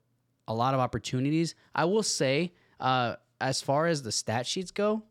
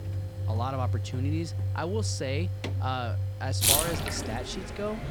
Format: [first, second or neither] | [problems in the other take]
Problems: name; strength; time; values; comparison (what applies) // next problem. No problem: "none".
first | household noises; very loud; throughout; 5 dB above the speech